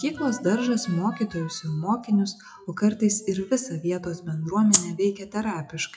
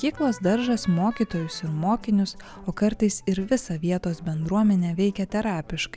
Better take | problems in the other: second | noise reduction (classical method WPE with log-MMSE)

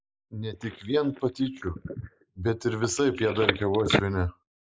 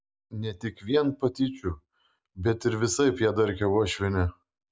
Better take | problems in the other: second | noise reduction (neural mask model Resemble Enhance denoiser)

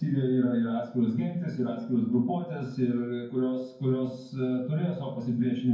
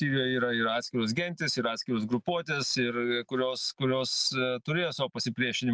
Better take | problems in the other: second | room echo; dies away in 0.9 s

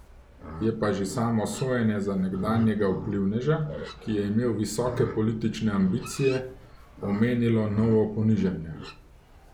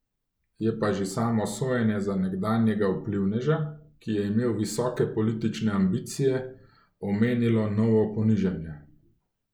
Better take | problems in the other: second | background sound (Livestock, farm animals, working animals); 15 dB below the speech

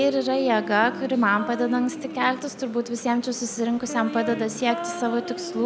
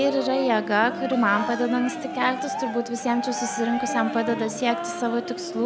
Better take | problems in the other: first | background sound (Cheering); 9 dB below the speech

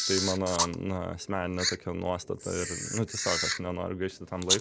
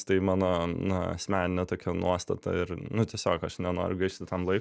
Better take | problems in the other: second | background sound (Camera); 2 dB below the speech

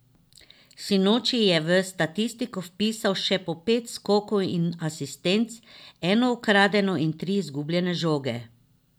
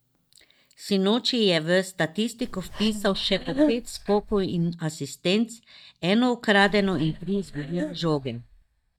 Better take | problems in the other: first | noise reduction (neural mask model DeepFilterNet 3)

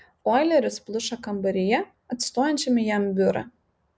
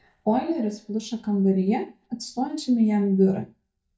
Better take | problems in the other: first | noise reduction (neural mask model DeepFilterNet 3)

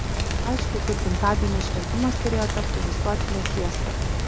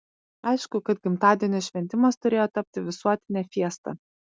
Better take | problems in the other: second | background sound (Rain); 5 dB above the speech

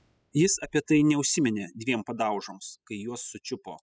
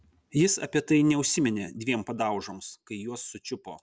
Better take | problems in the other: second | noise reduction (classical method spectral subtraction)

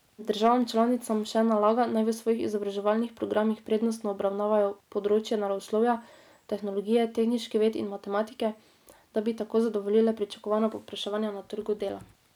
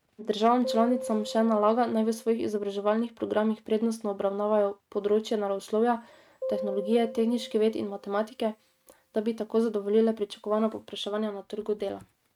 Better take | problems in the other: first | noise reduction (neural mask model RNNoise)

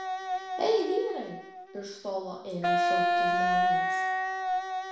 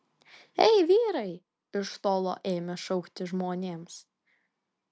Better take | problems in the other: second | background sound (Wind instrument, woodwind instrument); 5 dB above the speech // room echo; dies away in 0.6 s

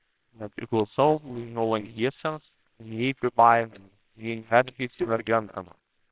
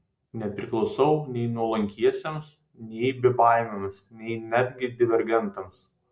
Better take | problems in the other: second | noise reduction (neural separator model SepFormer WHAMR!)

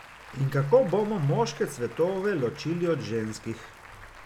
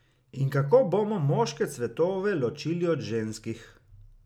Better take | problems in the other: second | background sound (Applause); 19 dB below the speech

